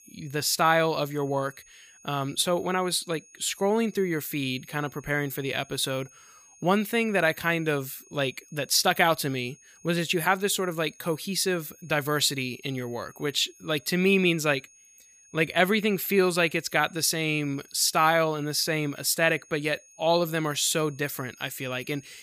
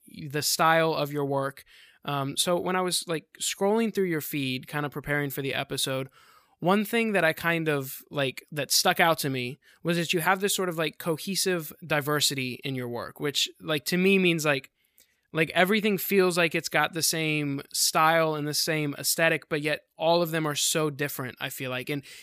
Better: second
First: high-pitched whine; faint; throughout; 6.5 kHz, 25 dB below the speech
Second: none

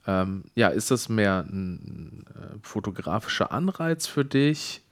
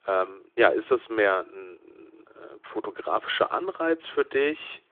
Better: first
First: none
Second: phone-call audio

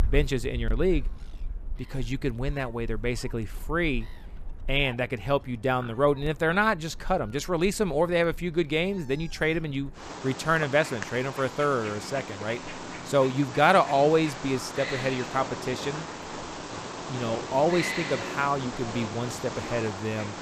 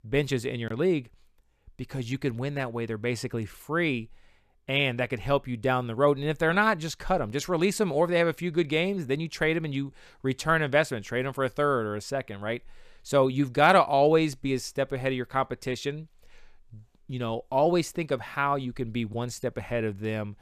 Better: second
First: animal sounds; loud; throughout; 10 dB below the speech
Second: none

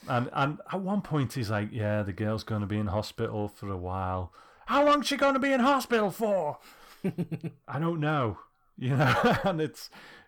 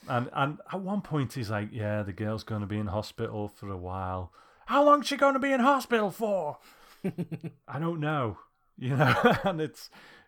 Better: second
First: distortion; slight; 10 dB below the speech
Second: none

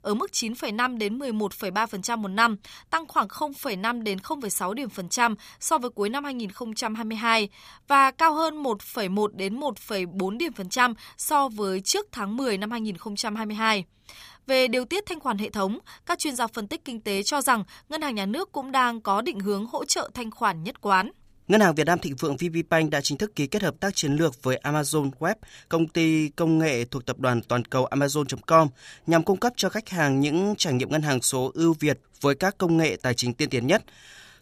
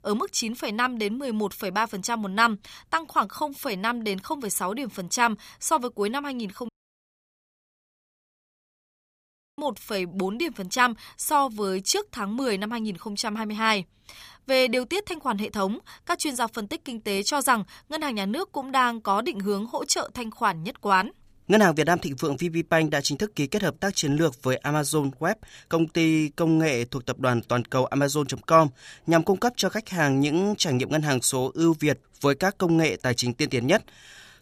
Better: first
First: none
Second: audio cutting out; at 6.5 s for 3 s

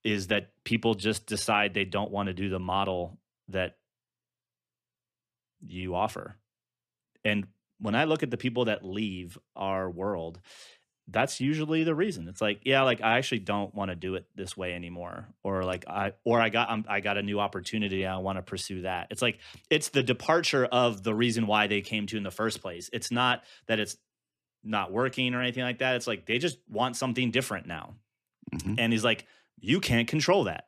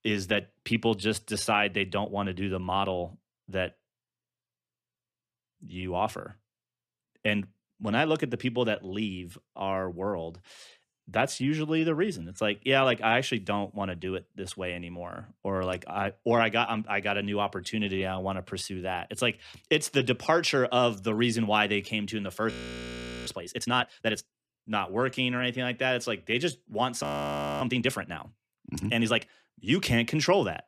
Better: first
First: none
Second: audio freezing; at 23 s for 1 s and at 27 s for 0.5 s

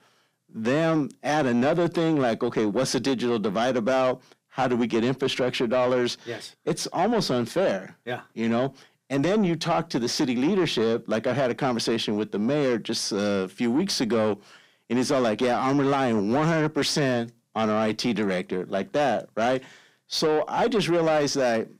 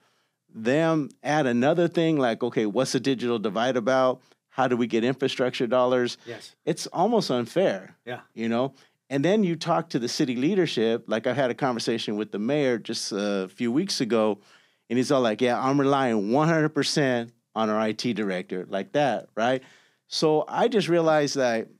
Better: second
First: distortion; slight; 10 dB below the speech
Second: none

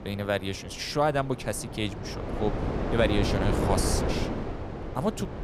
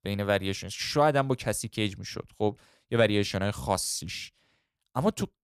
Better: second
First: wind noise on the microphone; heavy; 4 dB below the speech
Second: none

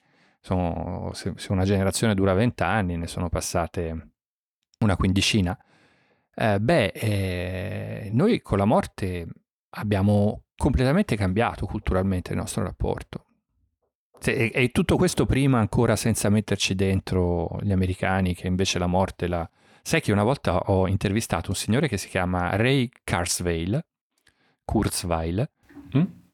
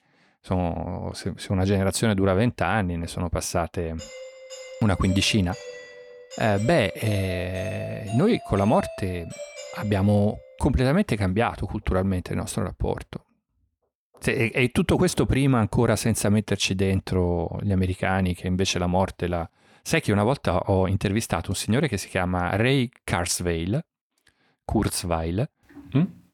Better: first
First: none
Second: doorbell; faint; from 4 to 11 s; peak 10 dB below the speech

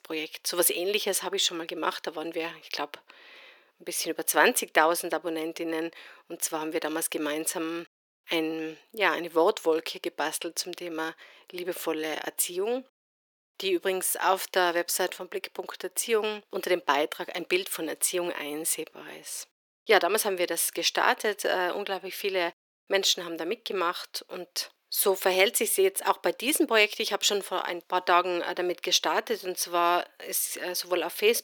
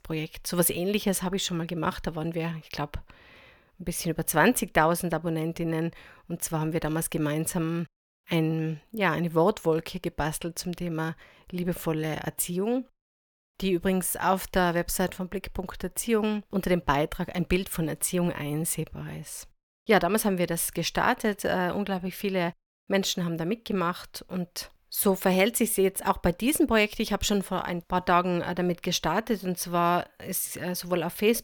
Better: second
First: thin; very; fading below 350 Hz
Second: none

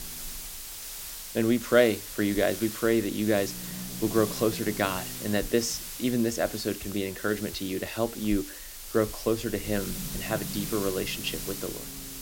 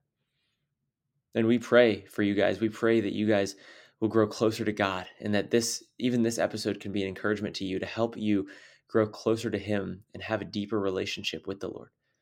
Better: second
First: hiss; loud; throughout; 8 dB below the speech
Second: none

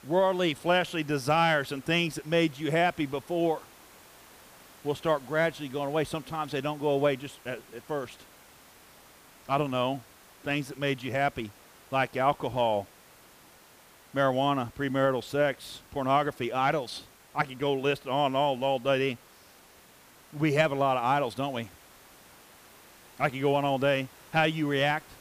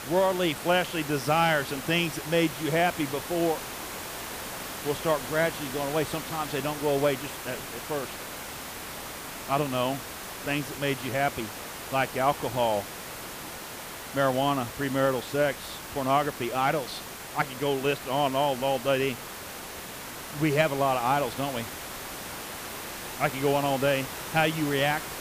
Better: first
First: hiss; faint; throughout; 25 dB below the speech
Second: hiss; loud; throughout; 9 dB below the speech

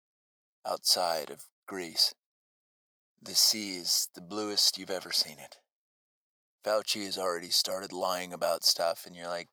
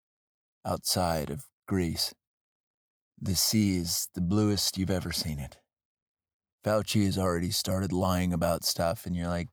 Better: second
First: thin; very; fading below 550 Hz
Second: none

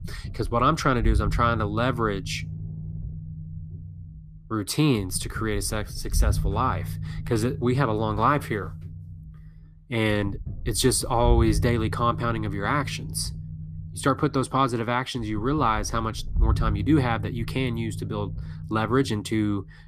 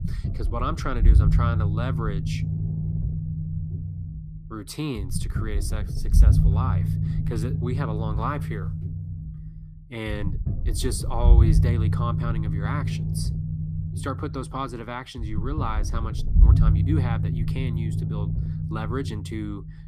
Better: first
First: low rumble; faint; throughout; 20 dB below the speech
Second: low rumble; loud; throughout; 5 dB below the speech

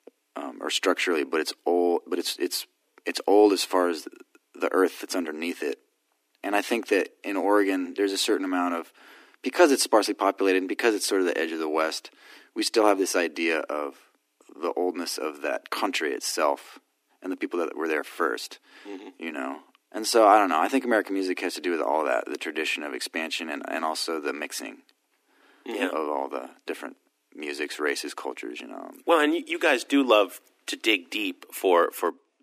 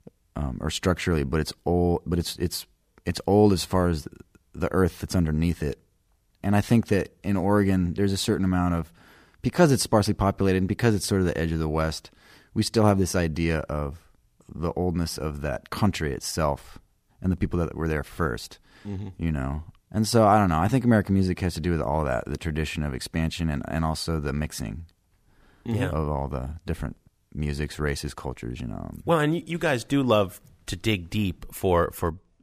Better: second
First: thin; somewhat; fading below 250 Hz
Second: none

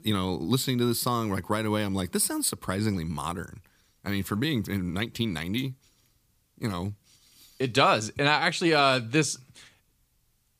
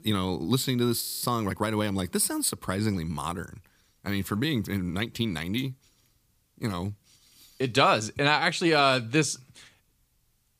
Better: first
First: none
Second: audio freezing; at 1 s

